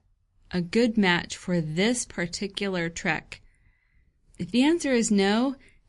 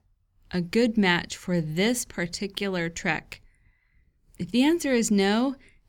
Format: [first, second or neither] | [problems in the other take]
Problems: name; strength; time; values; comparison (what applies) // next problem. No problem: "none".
second | garbled, watery; slightly; nothing above 10.5 kHz